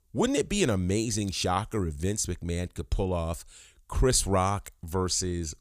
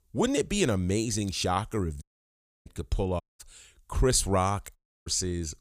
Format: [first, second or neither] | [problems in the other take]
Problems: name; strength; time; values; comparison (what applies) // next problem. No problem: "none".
first | audio cutting out; at 2 s for 0.5 s, at 3 s and at 5 s